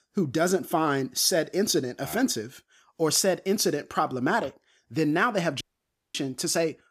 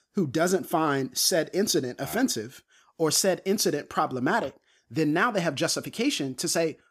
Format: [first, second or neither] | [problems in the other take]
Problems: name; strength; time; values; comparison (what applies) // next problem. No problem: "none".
second | audio cutting out; at 5.5 s for 0.5 s